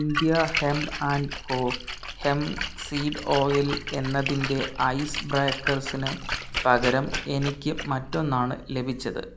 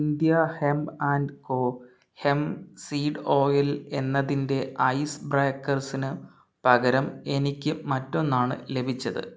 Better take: second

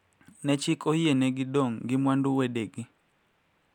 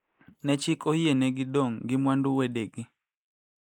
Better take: first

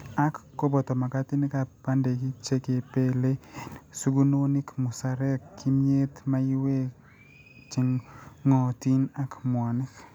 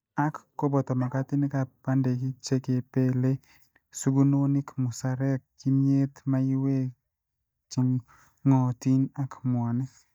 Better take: first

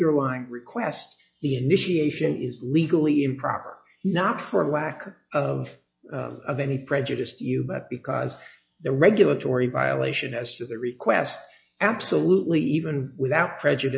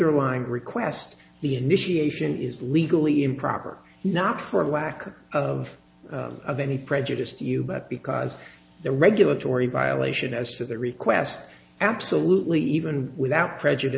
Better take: second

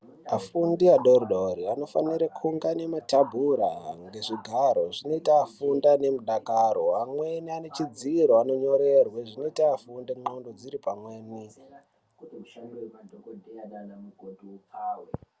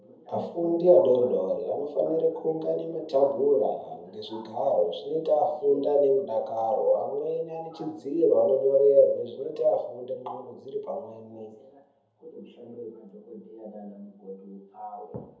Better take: first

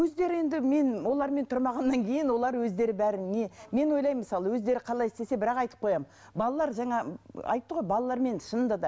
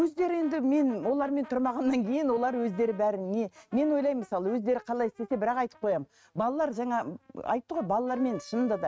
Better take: first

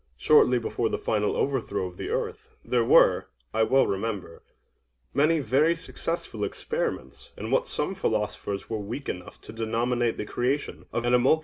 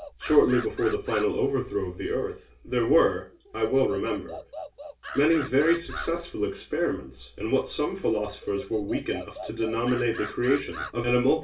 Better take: first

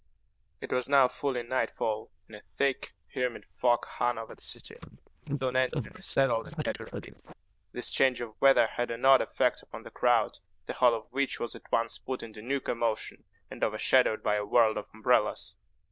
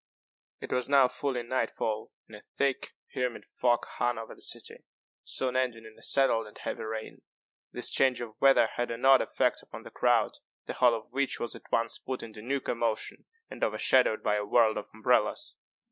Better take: second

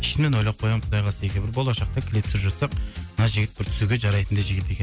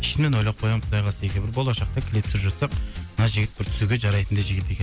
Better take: first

